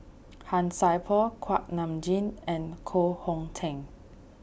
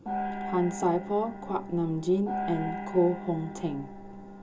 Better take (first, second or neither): first